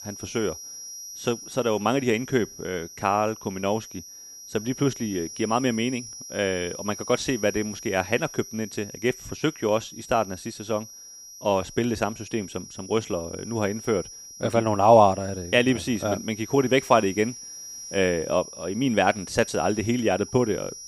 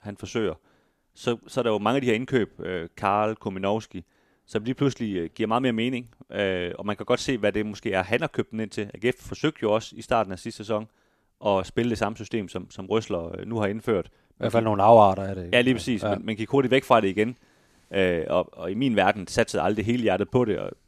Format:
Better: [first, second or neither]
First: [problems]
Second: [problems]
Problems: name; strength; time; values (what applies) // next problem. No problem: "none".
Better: second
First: high-pitched whine; noticeable; throughout; 5.5 kHz, 15 dB below the speech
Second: none